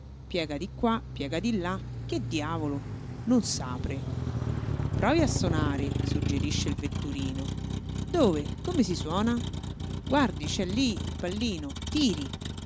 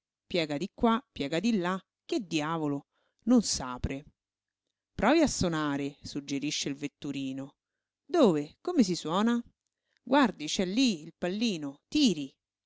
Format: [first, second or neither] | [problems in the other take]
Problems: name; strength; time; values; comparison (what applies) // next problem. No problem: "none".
second | background sound (Motor vehicle (road)); 2 dB below the speech